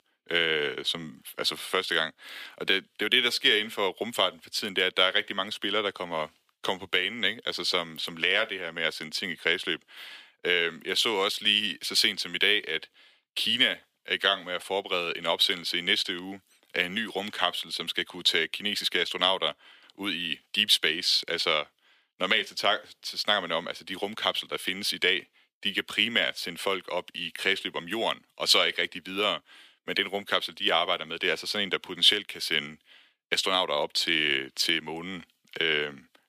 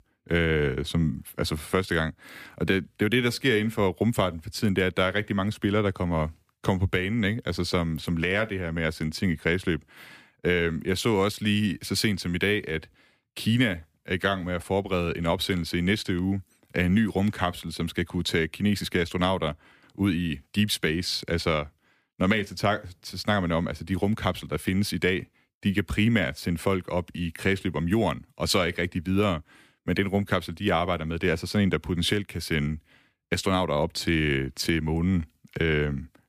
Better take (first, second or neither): second